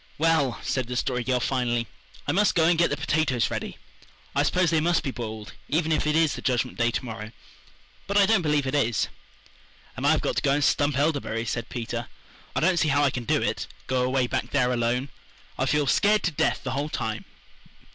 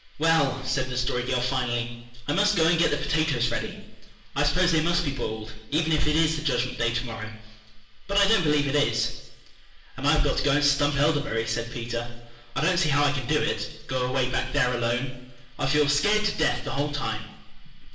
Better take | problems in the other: first | room echo; dies away in 0.8 s

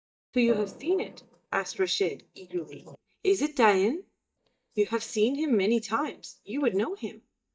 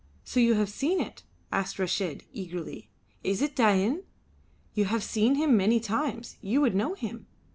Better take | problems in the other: second | noise reduction (neural mask model DeepFilterNet 3)

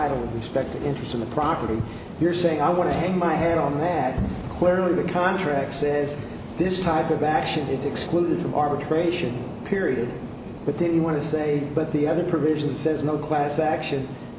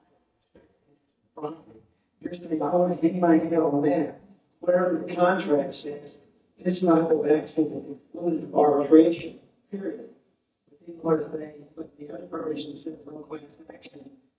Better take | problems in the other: first | noise reduction (neural mask model DeepFilterNet 3)

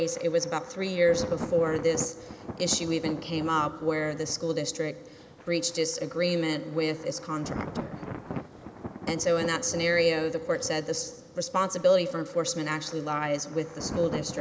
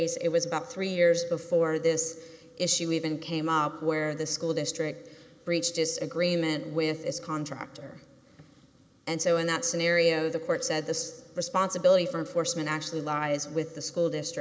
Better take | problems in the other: second | background sound (Thunder); 12 dB below the speech

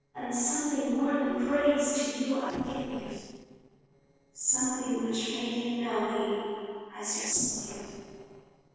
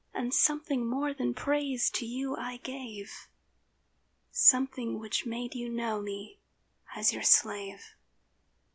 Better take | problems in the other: second | noise reduction (neural separator model SepFormer DNS4)

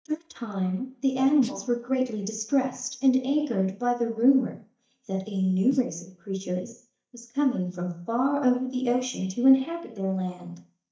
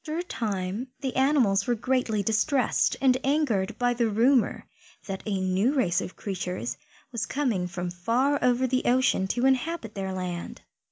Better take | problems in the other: second | noise reduction (neural mask model DeepFilterNet 3)

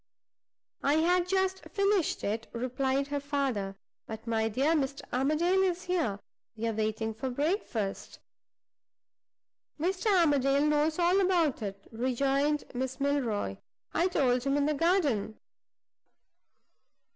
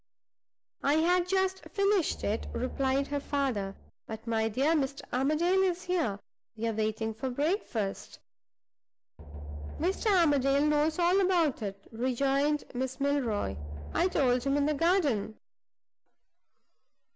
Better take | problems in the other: first | background sound (Drum); 11 dB below the speech

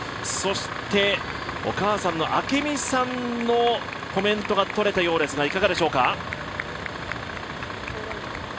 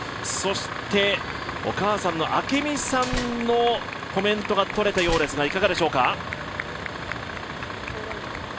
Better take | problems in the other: first | background sound (Slam); 9 dB below the speech

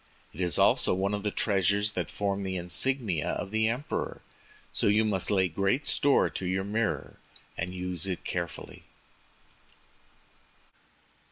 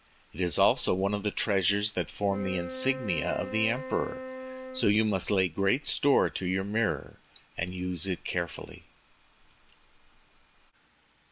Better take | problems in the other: first | background sound (Wind instrument, woodwind instrument); 9 dB below the speech

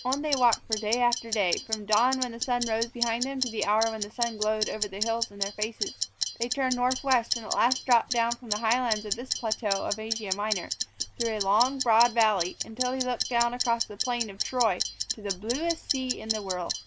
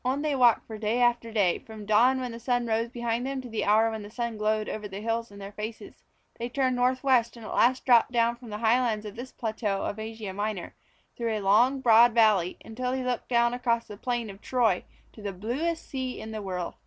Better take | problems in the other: second | background sound (Clock); 5 dB below the speech

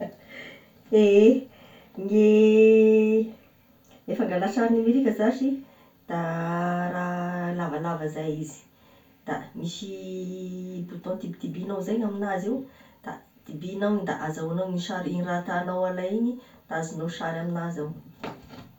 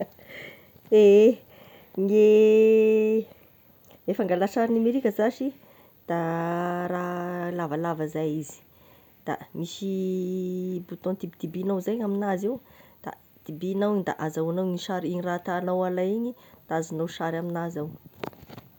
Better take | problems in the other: second | room echo; dies away in 0.2 s

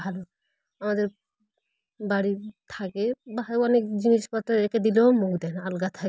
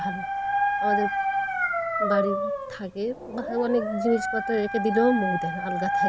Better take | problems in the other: first | background sound (Dog); 1 dB above the speech

